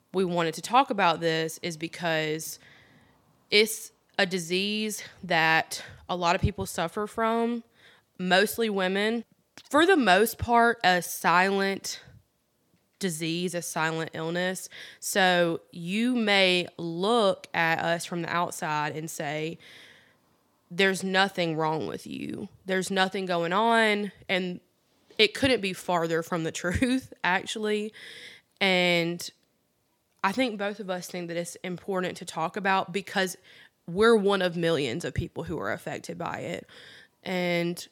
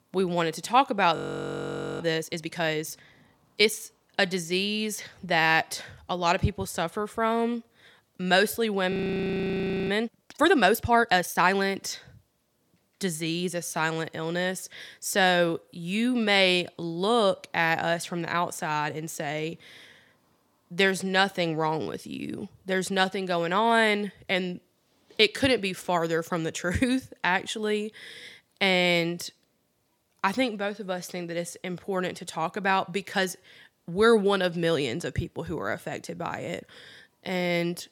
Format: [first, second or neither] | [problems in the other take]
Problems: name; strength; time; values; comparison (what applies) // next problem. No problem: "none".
first | audio freezing; at 1 s for 1 s and at 9 s for 1 s